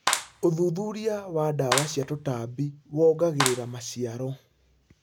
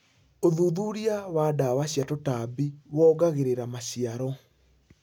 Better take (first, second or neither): second